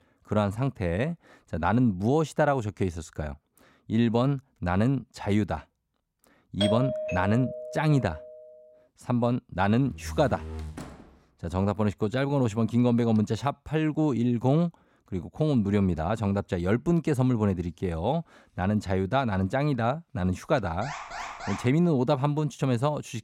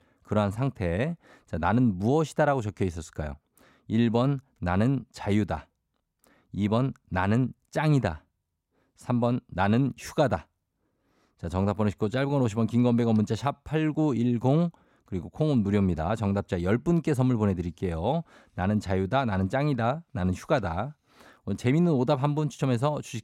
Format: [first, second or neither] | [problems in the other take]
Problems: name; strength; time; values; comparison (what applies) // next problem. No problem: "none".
second | doorbell; noticeable; from 6.5 to 8 s; peak 1 dB below the speech // door banging; faint; from 10 to 11 s; peak 10 dB below the speech // alarm; noticeable; at 21 s; peak 9 dB below the speech